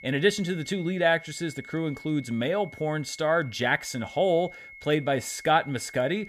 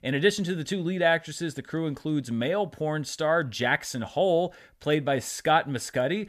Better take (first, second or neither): second